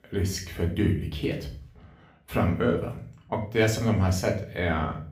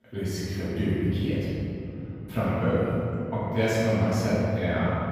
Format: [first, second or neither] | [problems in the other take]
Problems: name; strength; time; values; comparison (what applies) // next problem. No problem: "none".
first | room echo; strong; dies away in 3 s; slight in the first // off-mic speech; far; somewhat distant in the first